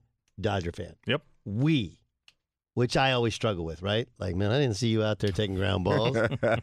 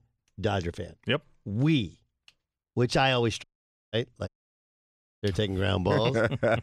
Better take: first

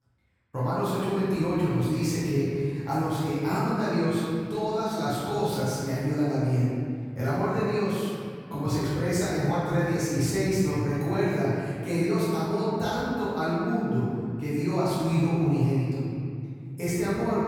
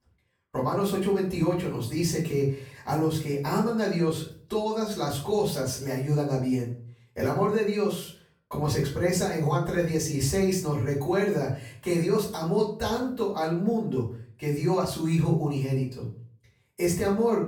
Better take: second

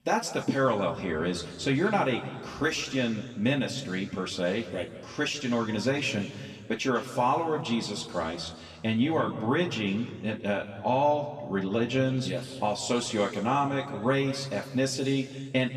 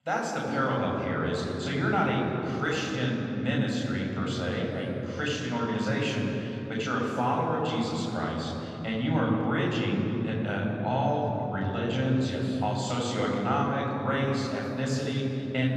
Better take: first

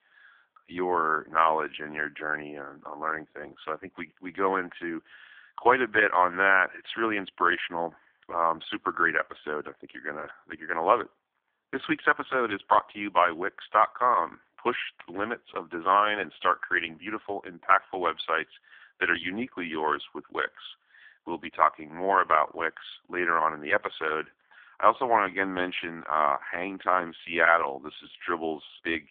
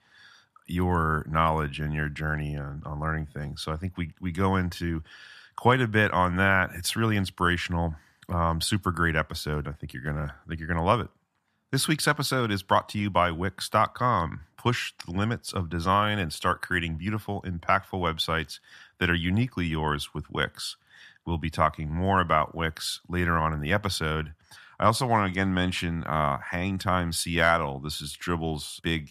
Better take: second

